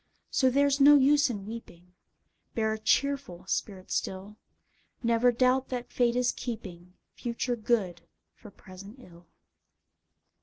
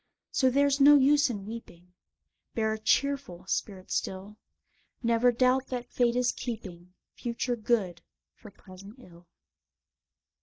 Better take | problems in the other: first | noise reduction (neural mask model DeepFilterNet 3)

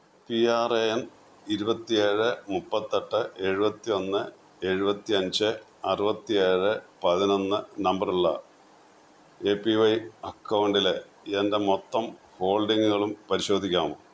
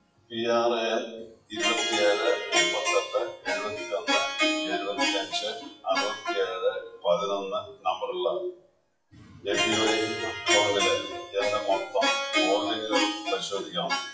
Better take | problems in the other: first | noise reduction (classical method WPE with log-MMSE)

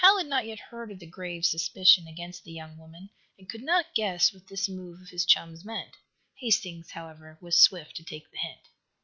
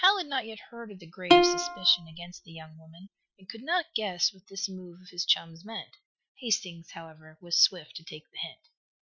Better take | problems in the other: first | noise reduction (classical method spectral subtraction)

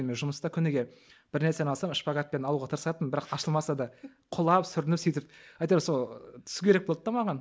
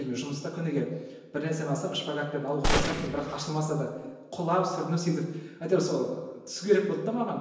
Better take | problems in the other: first | background sound (Gunshot, gunfire); as loud as the speech // room echo; dies away in 1 s

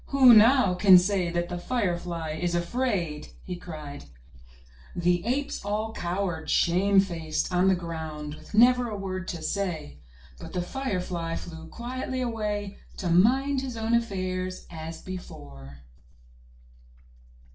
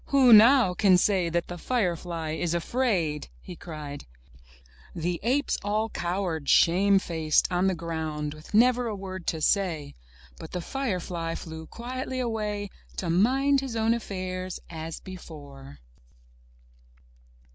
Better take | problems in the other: second | room echo; dies away in 0.3 s

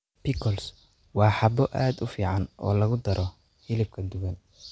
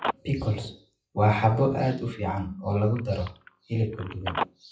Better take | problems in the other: first | noise reduction (classical method WPE with log-MMSE)

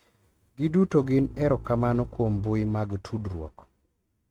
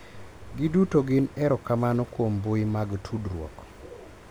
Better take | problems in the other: second | noise reduction (neural mask model RNNoise)

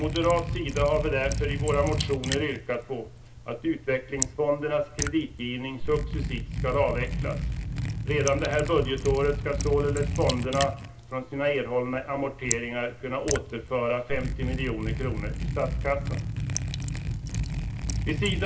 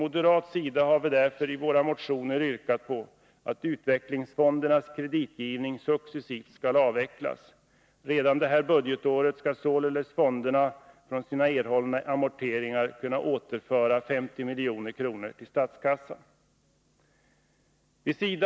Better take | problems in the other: second | background sound (Liquid); 2 dB below the speech // room echo; dies away in 0.2 s

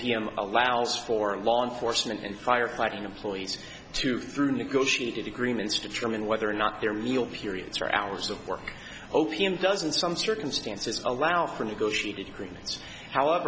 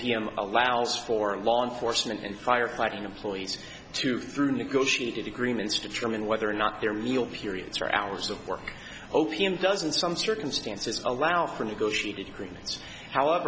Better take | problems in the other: second | background sound (Whoosh, swoosh, swish); 12 dB below the speech

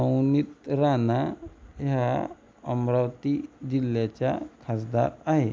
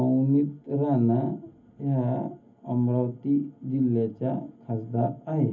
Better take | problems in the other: first | room echo; dies away in 0.3 s

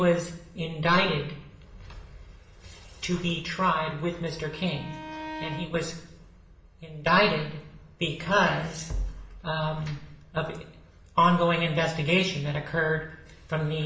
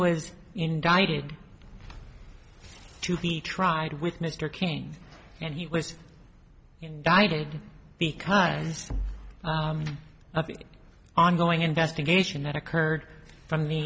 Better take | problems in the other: second | background sound (Bowed string instrument); 14 dB below the speech // room echo; dies away in 0.7 s

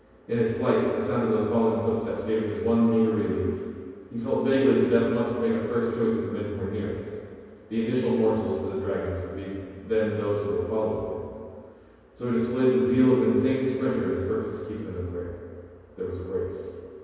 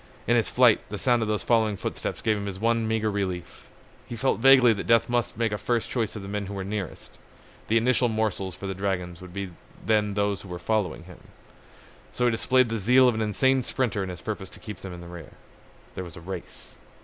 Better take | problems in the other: second | room echo; dies away in 2.2 s

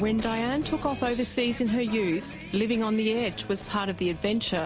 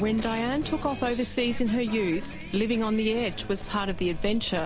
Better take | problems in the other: first | background sound (Chewing, mastication); 10 dB below the speech

